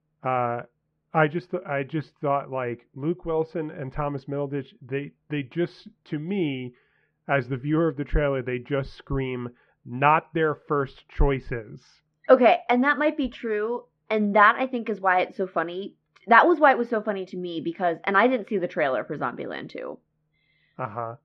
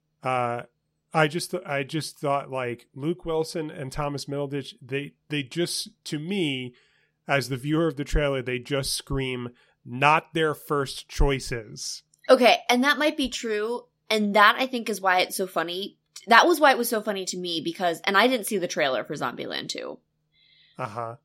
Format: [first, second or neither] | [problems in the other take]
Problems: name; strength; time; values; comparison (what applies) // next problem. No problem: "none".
second | muffled; very; fading above 2 kHz